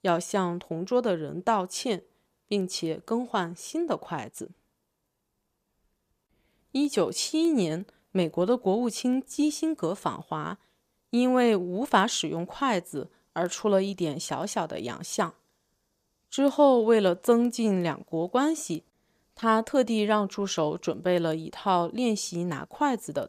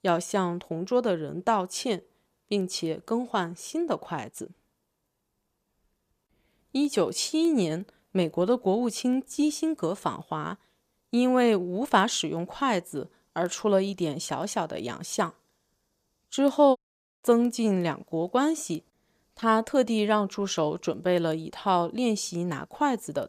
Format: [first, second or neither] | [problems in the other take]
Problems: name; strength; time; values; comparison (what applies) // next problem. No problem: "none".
first | audio cutting out; at 17 s